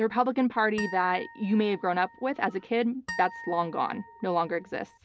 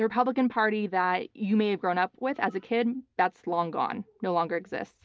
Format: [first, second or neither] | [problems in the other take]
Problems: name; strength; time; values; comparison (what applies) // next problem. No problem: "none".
second | background sound (Harp); 15 dB below the speech